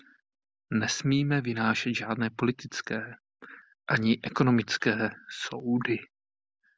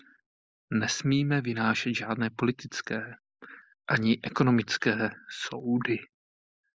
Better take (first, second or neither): first